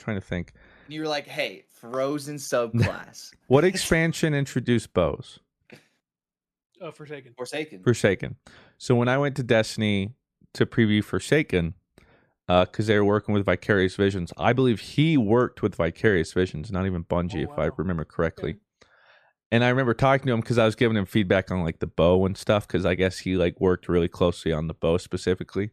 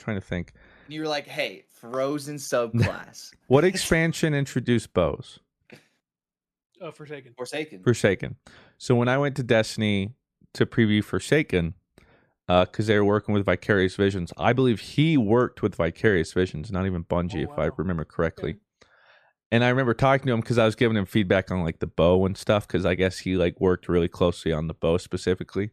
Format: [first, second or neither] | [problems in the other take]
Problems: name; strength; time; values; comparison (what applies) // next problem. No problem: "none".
neither | none